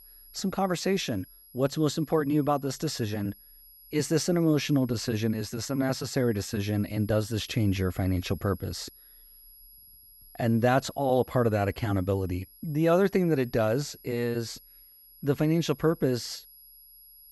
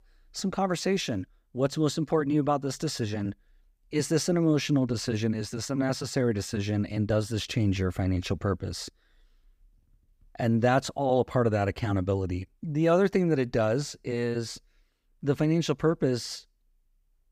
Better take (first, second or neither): second